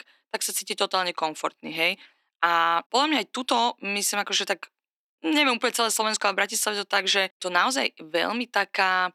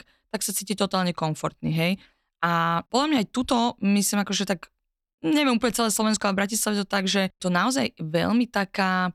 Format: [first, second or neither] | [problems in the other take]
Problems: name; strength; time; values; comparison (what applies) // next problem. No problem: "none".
second | thin; somewhat; fading below 300 Hz